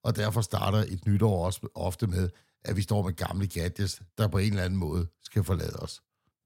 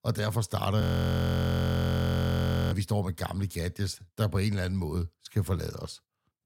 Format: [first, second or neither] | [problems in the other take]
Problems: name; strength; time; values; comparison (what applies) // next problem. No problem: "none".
first | audio freezing; at 1 s for 2 s